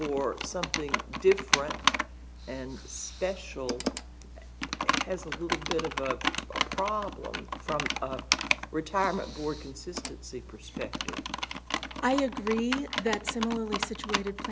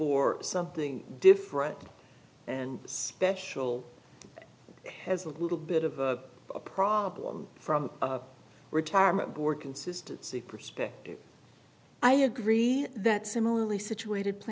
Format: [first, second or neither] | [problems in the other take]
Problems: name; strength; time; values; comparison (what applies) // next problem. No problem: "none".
second | background sound (Computer keyboard); 1 dB below the speech